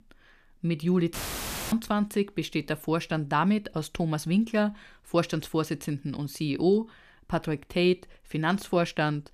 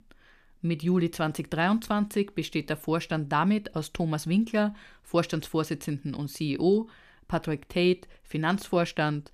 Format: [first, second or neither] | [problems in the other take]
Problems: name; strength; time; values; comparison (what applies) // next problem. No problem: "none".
second | audio cutting out; filled with static; at 1 s for 0.5 s